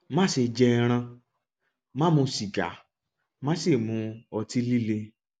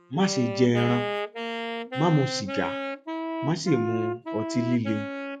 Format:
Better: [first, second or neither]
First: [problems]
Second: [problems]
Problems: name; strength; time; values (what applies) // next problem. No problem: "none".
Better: first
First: none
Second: noise reduction (classical method log-MMSE)